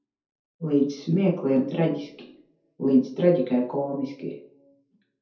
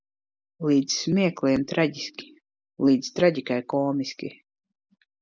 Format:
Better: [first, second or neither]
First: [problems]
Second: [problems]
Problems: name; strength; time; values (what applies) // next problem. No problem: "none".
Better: second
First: room echo; dies away in 0.5 s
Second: none